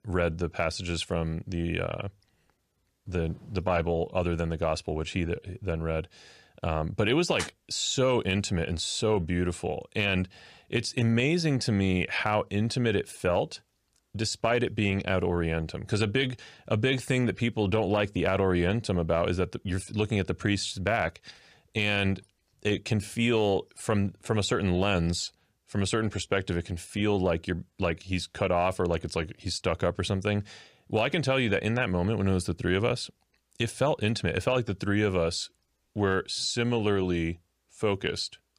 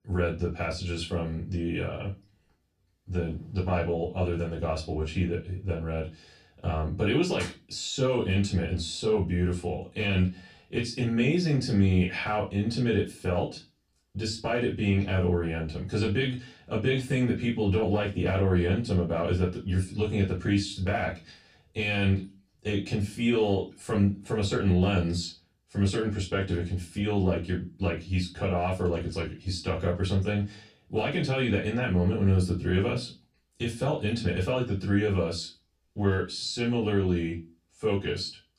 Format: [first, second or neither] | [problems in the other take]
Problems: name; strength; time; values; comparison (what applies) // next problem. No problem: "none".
first | off-mic speech; far // room echo; very slight; dies away in 0.3 s